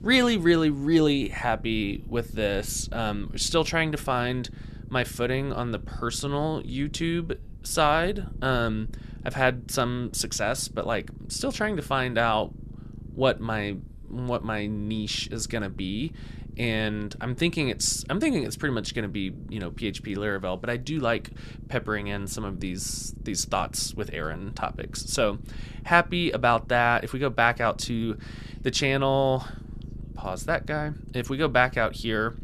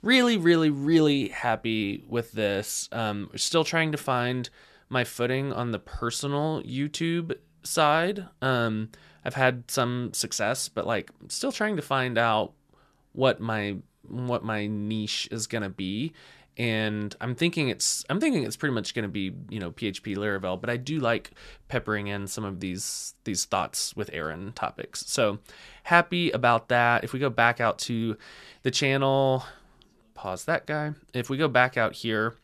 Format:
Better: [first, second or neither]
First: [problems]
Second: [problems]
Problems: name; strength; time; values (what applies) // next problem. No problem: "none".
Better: second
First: low rumble; faint; throughout; 25 dB below the speech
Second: none